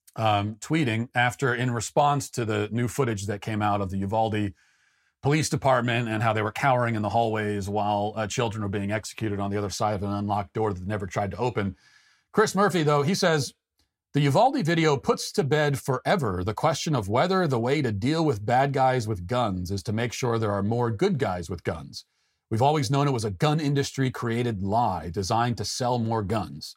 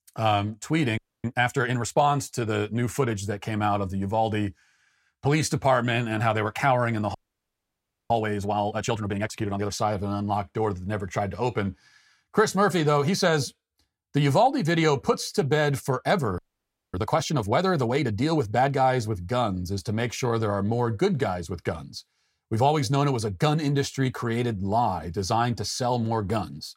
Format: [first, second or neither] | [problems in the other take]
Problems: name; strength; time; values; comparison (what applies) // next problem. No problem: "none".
first | audio freezing; at 1 s, at 7 s for 1 s and at 16 s for 0.5 s